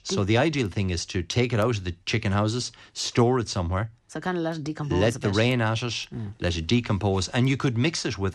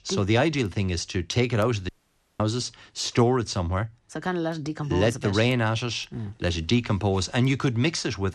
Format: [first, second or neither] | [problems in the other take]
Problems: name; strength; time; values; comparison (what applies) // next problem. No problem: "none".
first | audio cutting out; at 2 s for 0.5 s